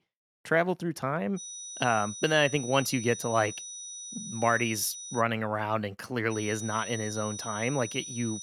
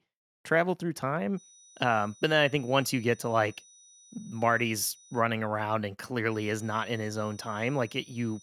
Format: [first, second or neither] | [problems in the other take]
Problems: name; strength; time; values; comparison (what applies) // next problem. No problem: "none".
second | high-pitched whine; loud; from 1.5 to 5 s and from 6.5 s on; 6 kHz, 9 dB below the speech; faint in the second